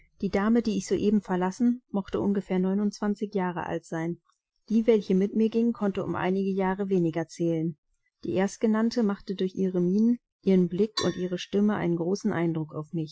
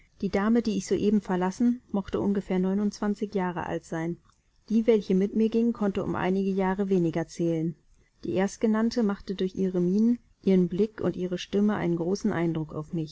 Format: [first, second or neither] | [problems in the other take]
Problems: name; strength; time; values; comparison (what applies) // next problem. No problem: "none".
second | noise reduction (classical method Wiener filter)